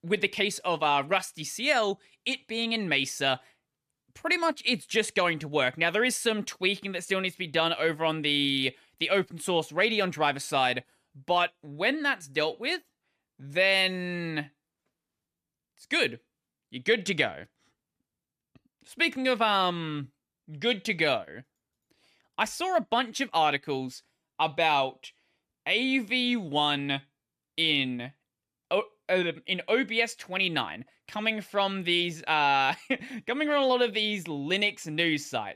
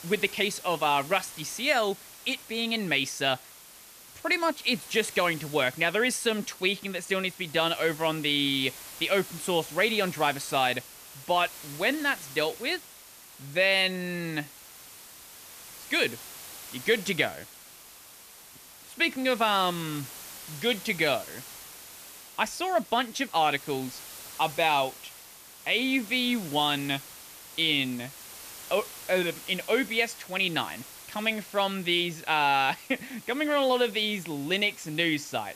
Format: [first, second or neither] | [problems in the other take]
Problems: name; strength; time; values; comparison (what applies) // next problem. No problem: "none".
first | hiss; noticeable; throughout; 15 dB below the speech